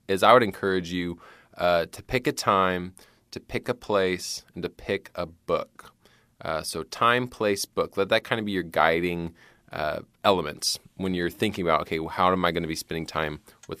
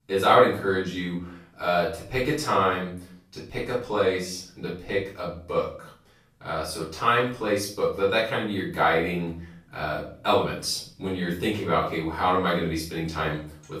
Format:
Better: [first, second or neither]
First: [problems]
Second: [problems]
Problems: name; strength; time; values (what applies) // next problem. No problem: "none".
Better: first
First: none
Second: off-mic speech; far // room echo; noticeable; dies away in 0.4 s